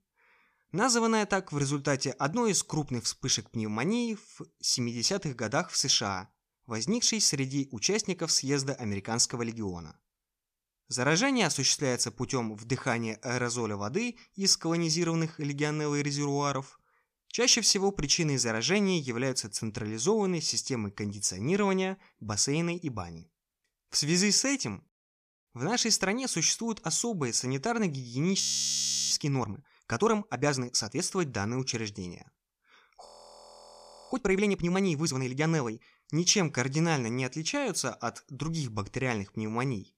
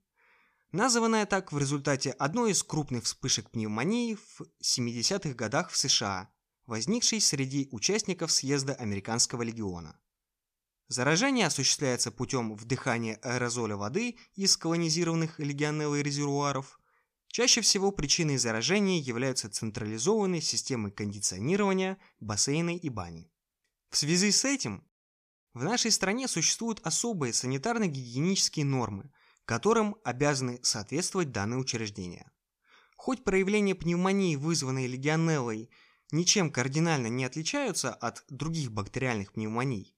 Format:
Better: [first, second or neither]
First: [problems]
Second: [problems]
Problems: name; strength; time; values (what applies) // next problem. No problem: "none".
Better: second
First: audio freezing; at 28 s for 0.5 s and at 33 s for 1 s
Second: none